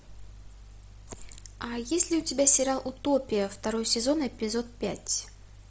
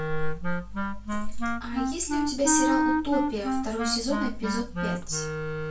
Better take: first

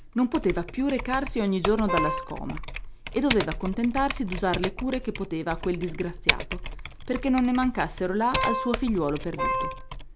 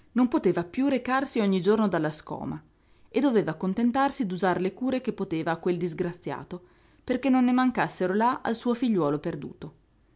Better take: second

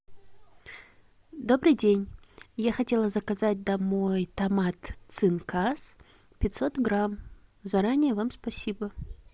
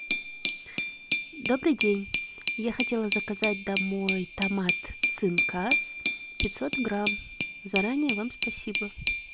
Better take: first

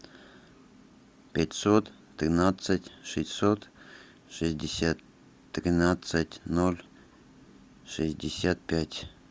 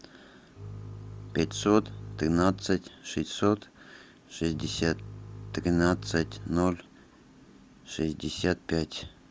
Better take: first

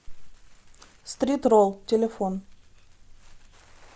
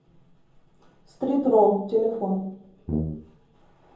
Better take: first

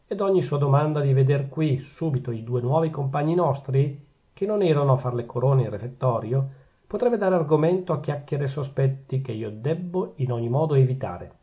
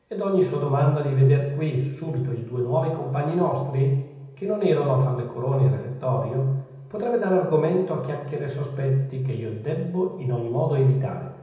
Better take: first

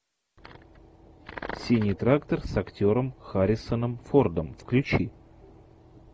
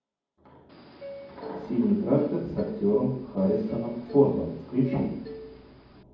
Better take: first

